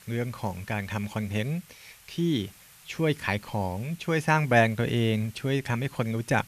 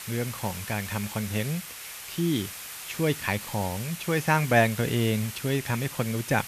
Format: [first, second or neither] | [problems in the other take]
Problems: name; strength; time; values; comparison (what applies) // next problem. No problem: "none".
first | hiss; loud; throughout; 9 dB below the speech; faint in the first